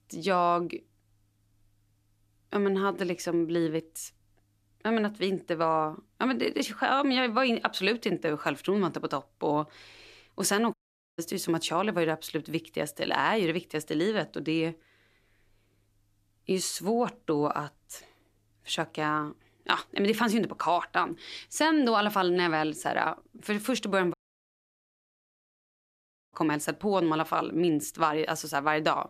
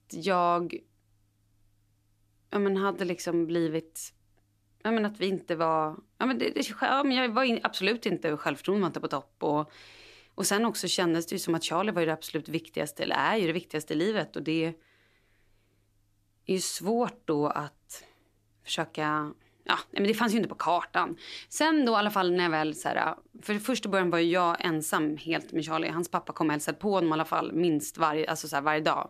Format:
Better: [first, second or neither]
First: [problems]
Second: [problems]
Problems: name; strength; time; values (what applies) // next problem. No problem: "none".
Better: second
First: audio cutting out; at 11 s and at 24 s for 2 s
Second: none